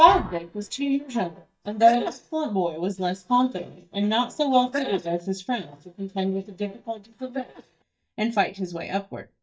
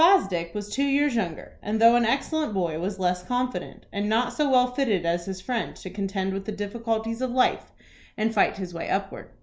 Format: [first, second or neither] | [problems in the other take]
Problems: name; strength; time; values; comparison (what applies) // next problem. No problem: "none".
second | noise reduction (neural mask model DeepFilterNet 3)